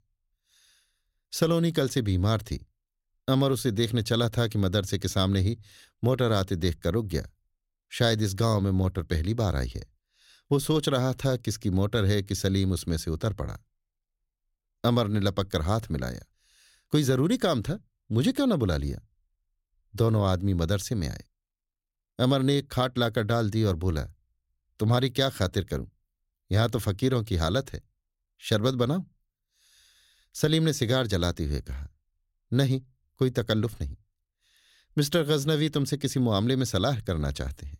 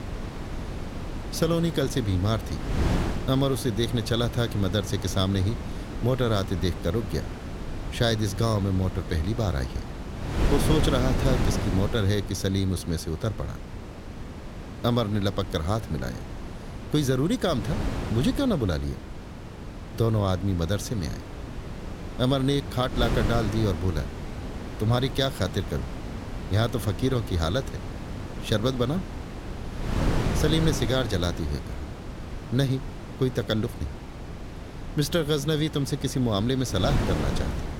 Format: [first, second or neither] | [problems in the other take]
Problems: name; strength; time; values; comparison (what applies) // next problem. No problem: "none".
first | wind noise on the microphone; heavy; 8 dB below the speech